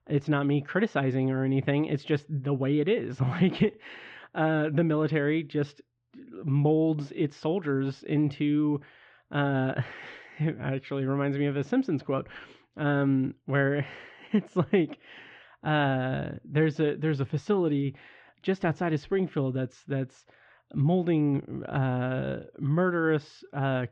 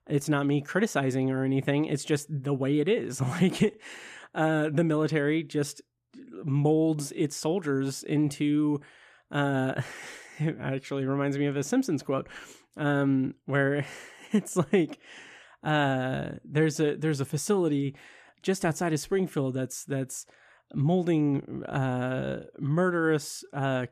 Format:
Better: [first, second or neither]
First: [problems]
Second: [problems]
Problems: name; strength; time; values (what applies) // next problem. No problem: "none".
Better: second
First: muffled; slightly; fading above 4 kHz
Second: none